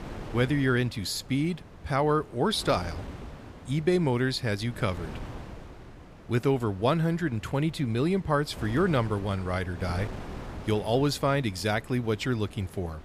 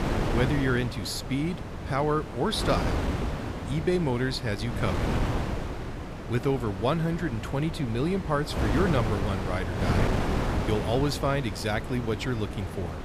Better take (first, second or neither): first